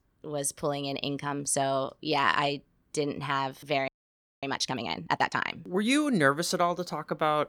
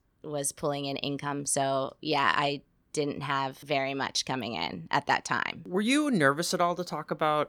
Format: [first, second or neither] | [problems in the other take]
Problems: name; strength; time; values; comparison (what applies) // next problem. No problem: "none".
second | audio freezing; at 4 s for 0.5 s